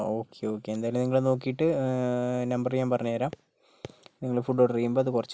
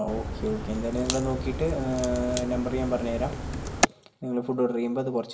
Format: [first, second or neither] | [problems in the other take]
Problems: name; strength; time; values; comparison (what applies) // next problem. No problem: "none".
first | background sound (Crack); 2 dB below the speech // room echo; dies away in 0.7 s